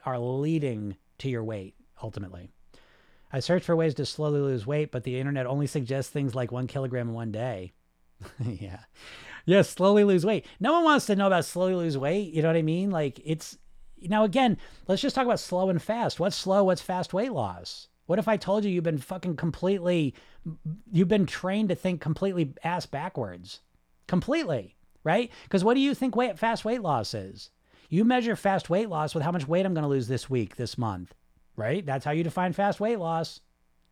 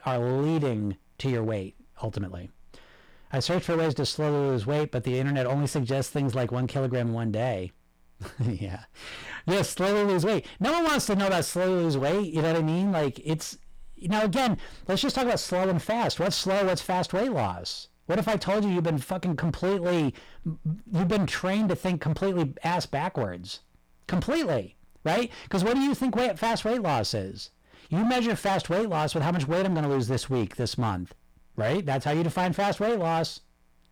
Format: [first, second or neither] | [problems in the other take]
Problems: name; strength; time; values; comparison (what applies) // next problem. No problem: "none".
first | distortion; heavy; 20% of the sound clipped